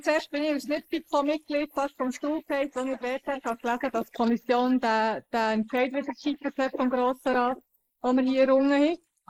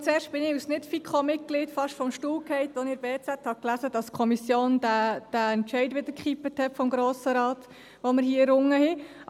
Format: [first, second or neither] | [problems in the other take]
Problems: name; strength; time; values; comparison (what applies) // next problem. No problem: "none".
second | noise reduction (neural mask model Resemble Enhance denoiser)